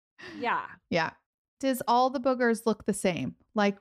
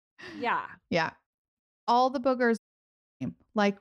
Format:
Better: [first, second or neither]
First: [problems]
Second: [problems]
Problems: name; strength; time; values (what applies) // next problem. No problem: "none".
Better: first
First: none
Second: audio cutting out; at 1.5 s and at 2.5 s for 0.5 s